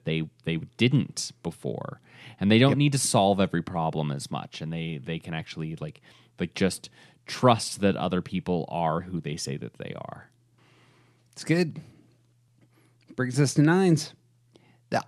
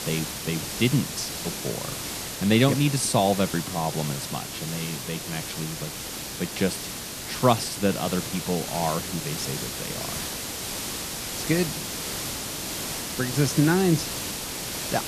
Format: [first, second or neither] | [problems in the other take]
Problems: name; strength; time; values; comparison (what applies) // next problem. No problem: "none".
first | hiss; loud; throughout; 4 dB below the speech